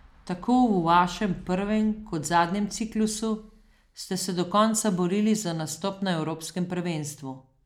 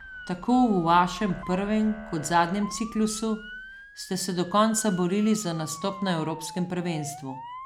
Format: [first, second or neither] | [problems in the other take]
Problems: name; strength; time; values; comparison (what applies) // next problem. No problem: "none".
first | background sound (Motor vehicle (road) / Siren); 16 dB below the speech